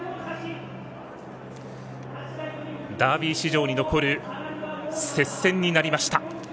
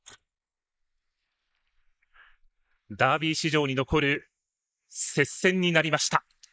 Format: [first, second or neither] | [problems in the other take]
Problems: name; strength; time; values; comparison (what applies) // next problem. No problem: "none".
first | noise reduction (neural mask model Resemble Enhance denoiser)